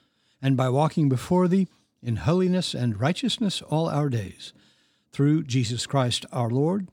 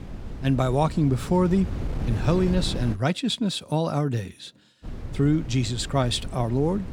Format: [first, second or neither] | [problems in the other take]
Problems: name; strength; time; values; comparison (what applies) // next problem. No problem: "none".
first | wind noise on the microphone; occasional gusts; until 3 s and from 5 s on; 15 dB below the speech